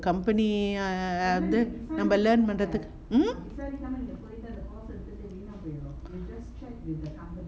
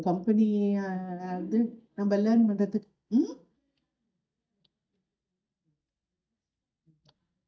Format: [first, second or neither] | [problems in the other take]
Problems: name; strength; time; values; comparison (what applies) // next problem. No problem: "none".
first | noise reduction (neural mask model DeepFilterNet 3)